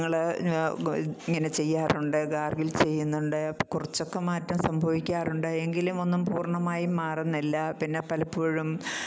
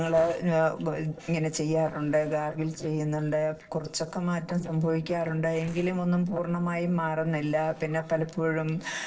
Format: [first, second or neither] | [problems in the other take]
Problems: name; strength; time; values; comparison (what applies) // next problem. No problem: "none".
first | noise reduction (neural separator model SepFormer DNS4)